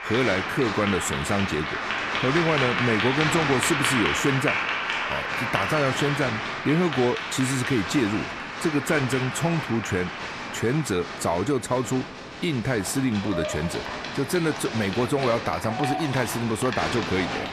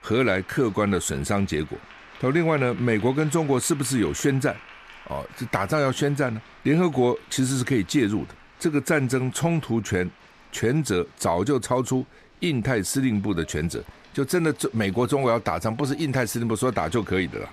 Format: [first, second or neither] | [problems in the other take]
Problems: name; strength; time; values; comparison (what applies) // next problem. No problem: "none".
second | crowd noise; loud; throughout; 2 dB below the speech; faint in the second